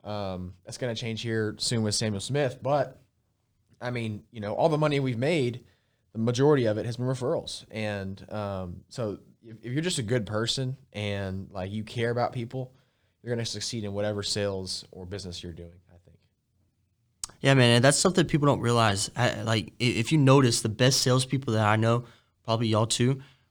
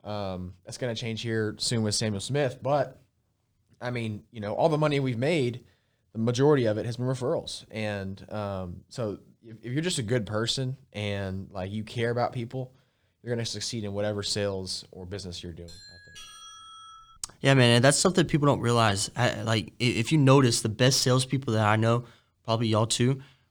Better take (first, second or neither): first